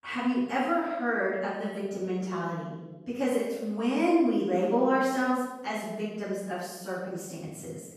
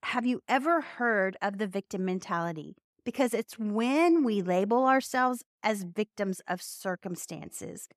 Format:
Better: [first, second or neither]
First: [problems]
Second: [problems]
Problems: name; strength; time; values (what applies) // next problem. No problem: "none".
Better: second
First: room echo; strong; dies away in 1 s // off-mic speech; far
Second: none